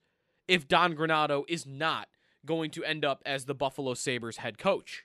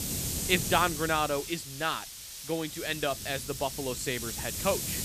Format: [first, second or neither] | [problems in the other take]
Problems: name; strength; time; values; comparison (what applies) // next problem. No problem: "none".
first | hiss; loud; throughout; 4 dB below the speech